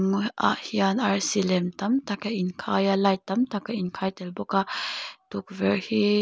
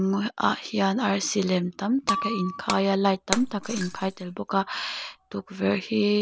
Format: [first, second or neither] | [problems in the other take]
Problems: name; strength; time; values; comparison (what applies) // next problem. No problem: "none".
first | background sound (Shatter); 8 dB below the speech